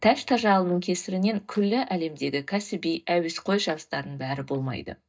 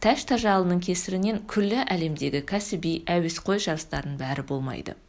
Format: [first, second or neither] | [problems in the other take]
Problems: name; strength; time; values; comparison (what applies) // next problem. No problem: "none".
second | noise reduction (neural mask model DeepFilterNet 3)